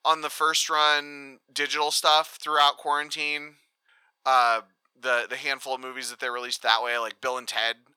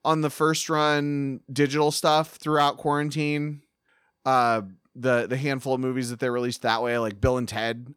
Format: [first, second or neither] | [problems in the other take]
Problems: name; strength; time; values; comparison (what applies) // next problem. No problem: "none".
second | thin; very; fading below 950 Hz